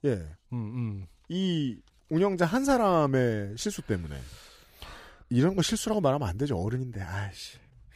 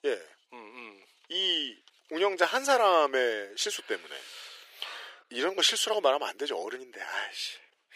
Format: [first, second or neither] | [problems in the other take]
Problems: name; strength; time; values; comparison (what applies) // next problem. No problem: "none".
first | thin; very; fading below 400 Hz